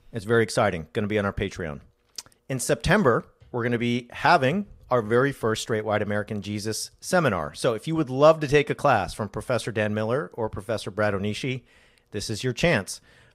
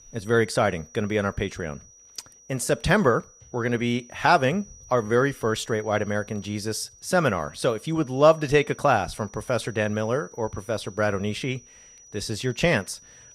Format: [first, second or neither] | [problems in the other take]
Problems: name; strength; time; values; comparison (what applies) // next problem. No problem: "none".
first | high-pitched whine; faint; throughout; 6 kHz, 25 dB below the speech